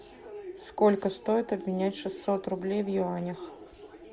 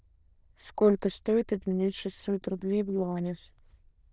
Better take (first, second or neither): first